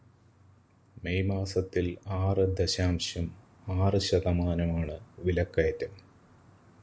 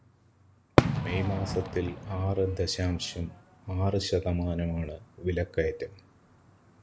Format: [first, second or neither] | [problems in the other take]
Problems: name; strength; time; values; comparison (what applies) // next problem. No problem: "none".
first | background sound (Fireworks); 1 dB above the speech